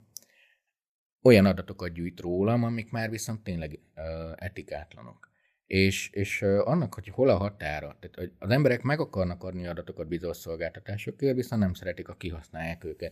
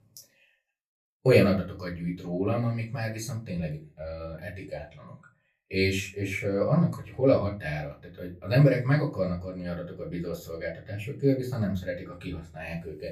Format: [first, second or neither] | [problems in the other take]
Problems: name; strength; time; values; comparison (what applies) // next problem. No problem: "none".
first | off-mic speech; far // room echo; very slight; dies away in 0.2 s